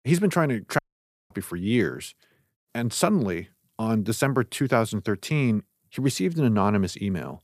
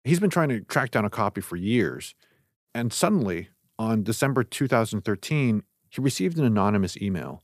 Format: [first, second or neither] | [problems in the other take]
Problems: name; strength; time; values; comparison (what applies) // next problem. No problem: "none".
second | audio cutting out; at 1 s for 0.5 s